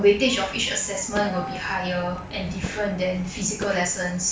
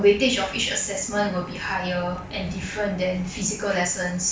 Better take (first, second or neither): second